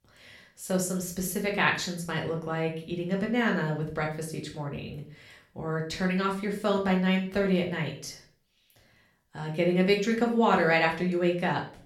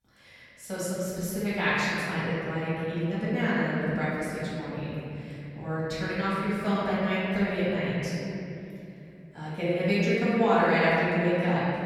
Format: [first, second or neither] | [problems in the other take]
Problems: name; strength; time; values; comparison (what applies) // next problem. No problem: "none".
first | room echo; strong; dies away in 3 s; slight in the first // off-mic speech; far; far in the first